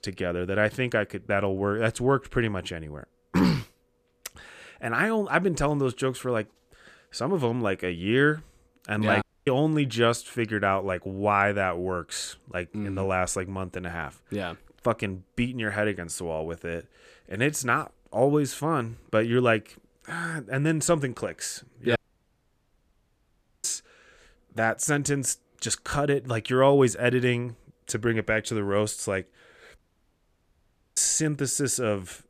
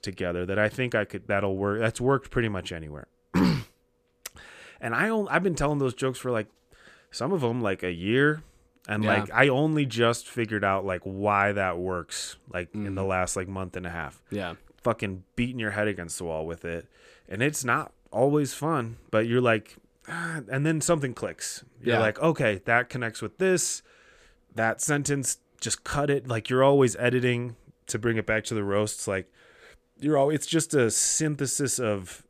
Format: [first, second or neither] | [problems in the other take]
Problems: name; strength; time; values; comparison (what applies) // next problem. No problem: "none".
second | audio cutting out; at 9 s, at 22 s for 1.5 s and at 30 s for 1 s